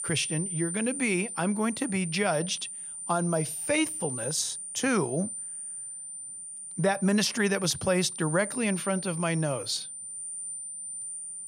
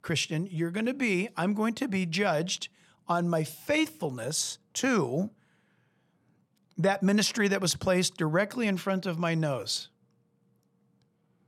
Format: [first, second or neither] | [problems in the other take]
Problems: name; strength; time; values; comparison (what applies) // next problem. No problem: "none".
second | high-pitched whine; loud; throughout; 9 kHz, 6 dB below the speech